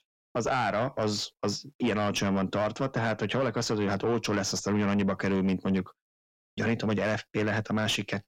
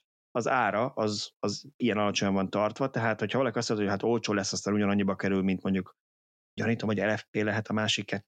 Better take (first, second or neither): second